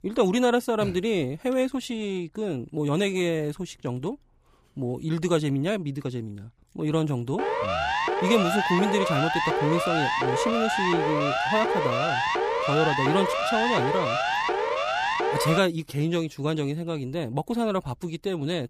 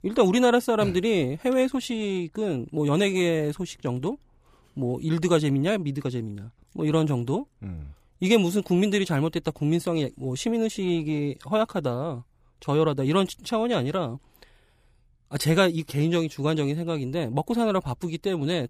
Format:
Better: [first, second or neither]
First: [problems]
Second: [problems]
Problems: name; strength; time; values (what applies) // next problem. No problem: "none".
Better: second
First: siren; loud; from 7.5 to 16 s; peak 3 dB above the speech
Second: none